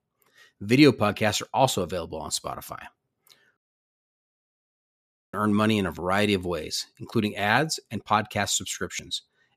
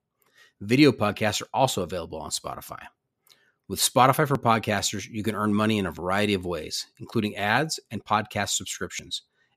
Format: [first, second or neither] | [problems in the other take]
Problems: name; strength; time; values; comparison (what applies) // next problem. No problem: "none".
second | audio cutting out; at 3.5 s for 2 s